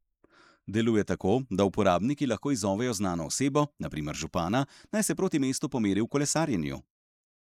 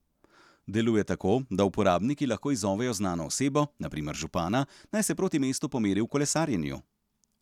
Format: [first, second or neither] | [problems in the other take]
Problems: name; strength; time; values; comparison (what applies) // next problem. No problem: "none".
second | noise reduction (neural mask model Resemble Enhance denoiser)